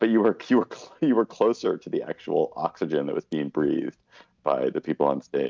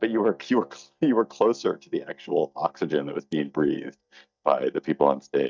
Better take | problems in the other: first | noise reduction (neural mask model DeepFilterNet 3)

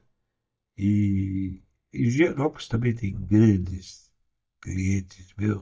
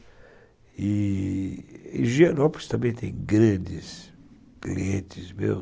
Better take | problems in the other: second | noise reduction (neural mask model DeepFilterNet 3)

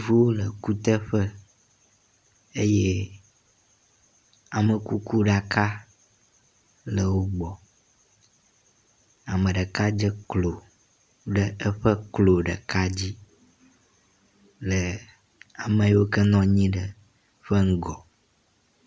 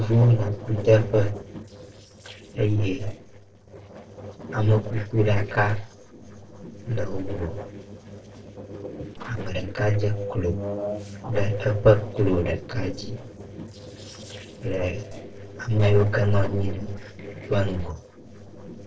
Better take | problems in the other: first | noise reduction (neural separator model SepFormer DNS4)

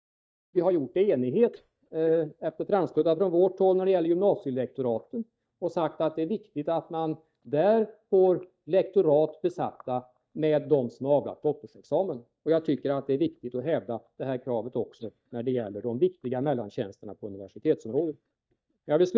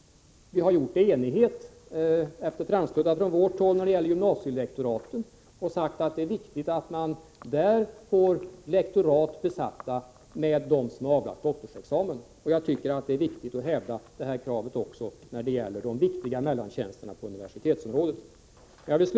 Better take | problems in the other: second | noise reduction (neural mask model DeepFilterNet 3)

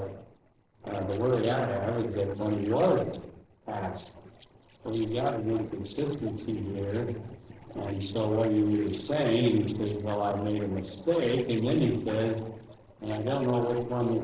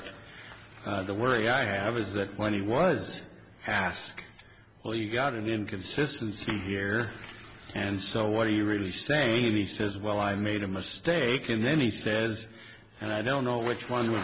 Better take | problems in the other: second | noise reduction (neural separator model SepFormer DNS4)

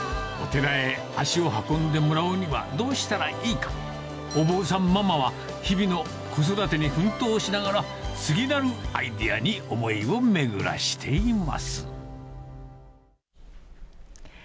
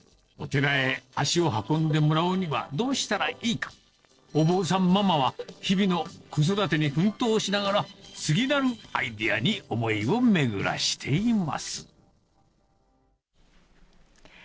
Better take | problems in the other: first | noise reduction (neural separator model SepFormer DNS4)

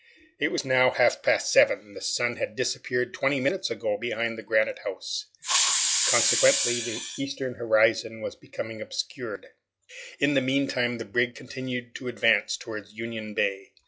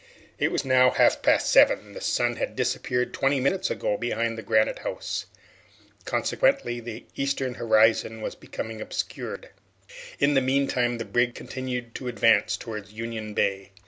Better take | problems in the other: second | noise reduction (classical method log-MMSE)

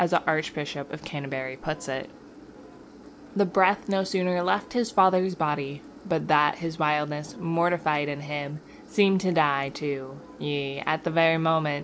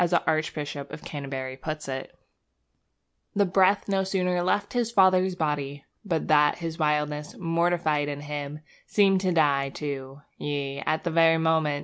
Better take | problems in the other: second | background sound (Engine); 20 dB below the speech

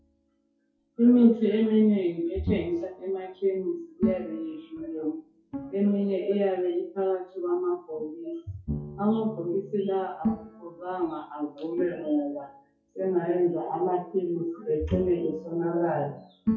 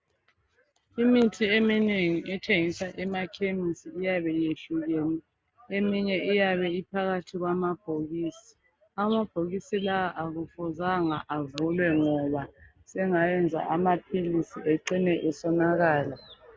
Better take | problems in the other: second | noise reduction (classical method WPE with log-MMSE)

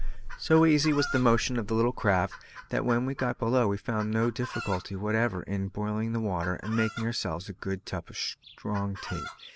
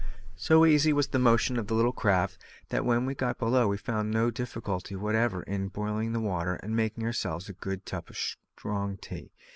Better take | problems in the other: second | background sound (Chicken, rooster); 16 dB below the speech

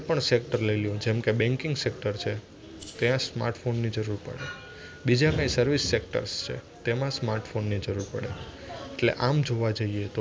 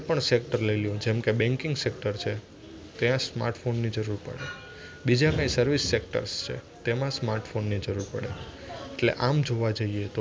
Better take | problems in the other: second | background sound (Rattle (instrument)); 20 dB below the speech

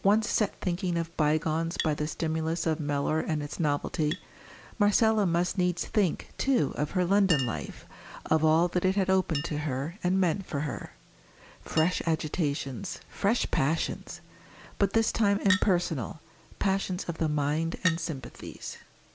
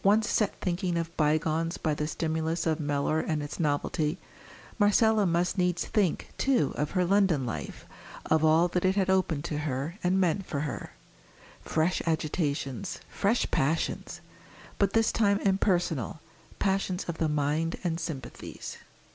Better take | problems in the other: second | background sound (Chink, clink); 16 dB below the speech

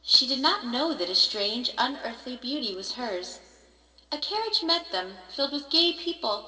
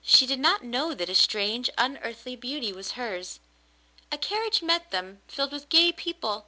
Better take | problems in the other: second | room echo; dies away in 2.1 s

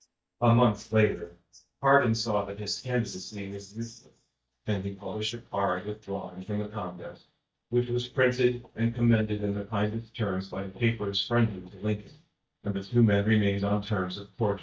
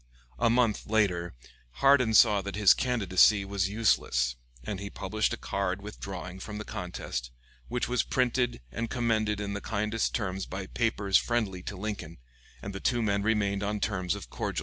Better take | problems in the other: second | noise reduction (neural mask model DeepFilterNet 3)

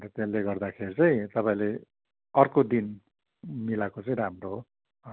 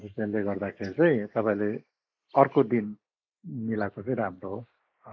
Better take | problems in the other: first | noise reduction (neural mask model Resemble Enhance denoiser)

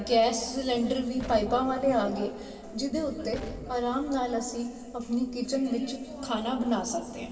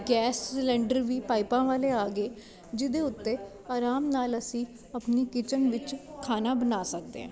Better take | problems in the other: second | background sound (Explosion); 17 dB below the speech // room echo; dies away in 2.3 s

